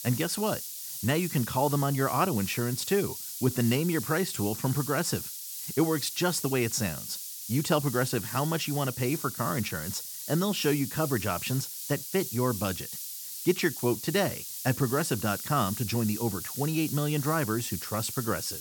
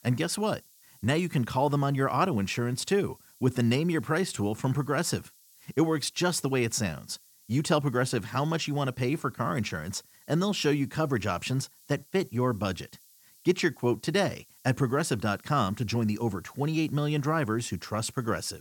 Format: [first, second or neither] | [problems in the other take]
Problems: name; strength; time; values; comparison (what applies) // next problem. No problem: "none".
second | hiss; loud; throughout; 6 dB below the speech; faint in the second